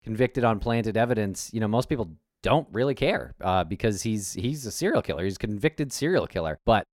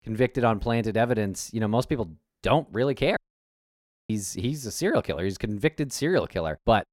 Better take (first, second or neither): first